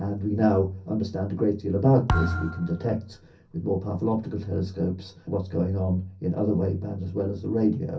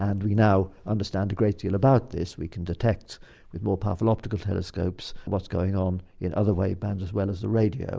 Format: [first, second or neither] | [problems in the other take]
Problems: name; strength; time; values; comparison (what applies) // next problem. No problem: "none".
second | background sound (Thump, thud); 4 dB below the speech // room echo; dies away in 0.3 s